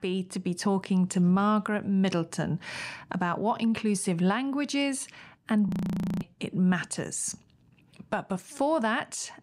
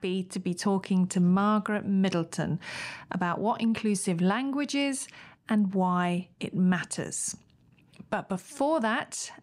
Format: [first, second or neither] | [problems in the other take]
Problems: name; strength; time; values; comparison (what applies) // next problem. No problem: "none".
second | audio freezing; at 5.5 s for 0.5 s